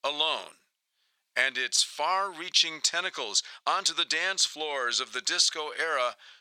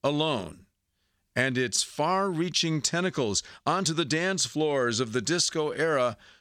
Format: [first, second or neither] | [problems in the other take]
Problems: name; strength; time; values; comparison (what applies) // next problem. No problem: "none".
second | thin; very; fading below 850 Hz